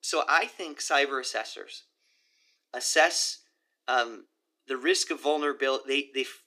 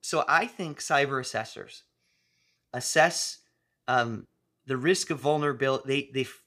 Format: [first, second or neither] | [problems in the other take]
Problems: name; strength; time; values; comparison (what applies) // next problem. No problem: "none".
second | thin; very slightly; fading below 300 Hz